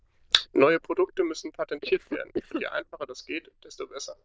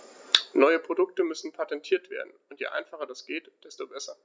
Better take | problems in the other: second | noise reduction (neural diffusion model UNIVERSE++)

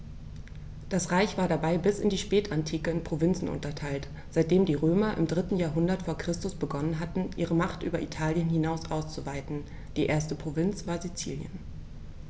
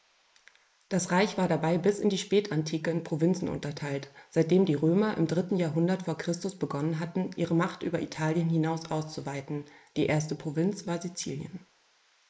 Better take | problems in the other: first | noise reduction (neural mask model Resemble Enhance denoiser)

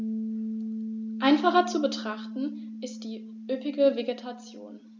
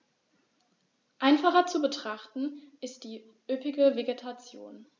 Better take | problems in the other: second | background sound (Piano); 7 dB below the speech

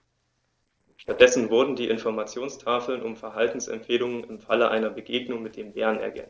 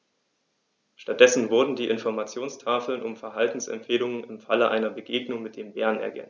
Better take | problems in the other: second | noise reduction (neural separator model SepFormer DNS4)

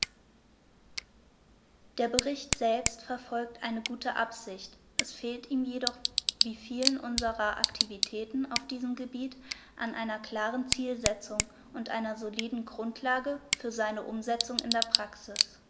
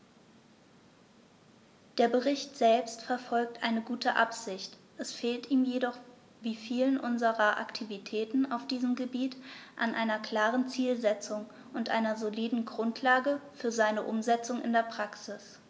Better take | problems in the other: second | background sound (Tick / Bicycle); 1 dB below the speech

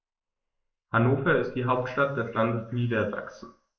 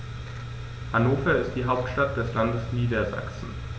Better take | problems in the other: second | noise reduction (neural mask model Resemble Enhance denoiser)

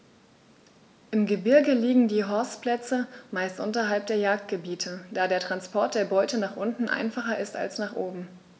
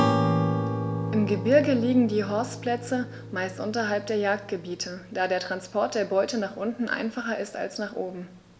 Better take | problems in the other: first | background sound (Acoustic guitar / Strum); 4 dB below the speech

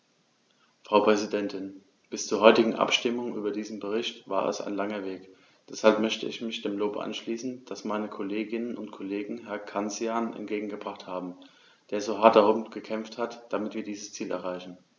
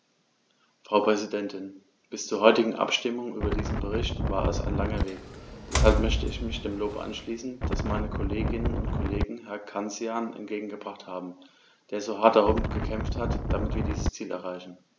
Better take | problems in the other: first | background sound (Door + Wind); 1 dB above the speech

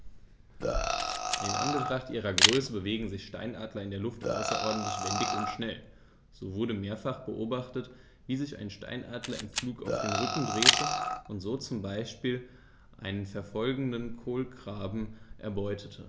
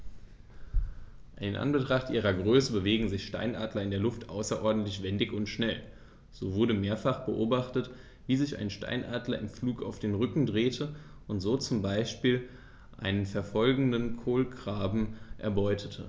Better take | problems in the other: second | background sound (Camera + Burping, eructation); 4 dB above the speech

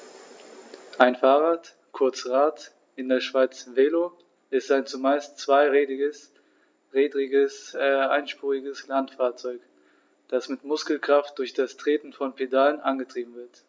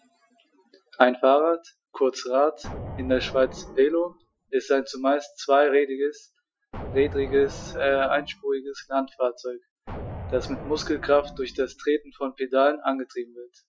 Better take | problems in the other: first | noise reduction (classical method Wiener filter)

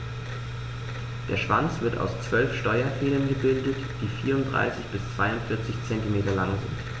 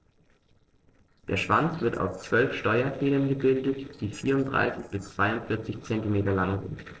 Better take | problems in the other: first | noise reduction (neural separator model SepFormer DNS4)

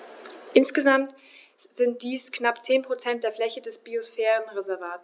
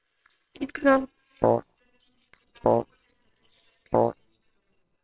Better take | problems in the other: first | noise reduction (neural separator model SepFormer WHAMR!)

